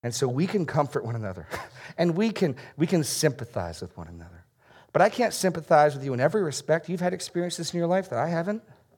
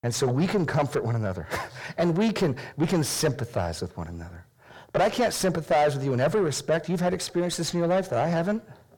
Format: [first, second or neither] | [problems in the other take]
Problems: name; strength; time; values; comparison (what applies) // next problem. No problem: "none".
first | distortion; heavy; 7 dB below the speech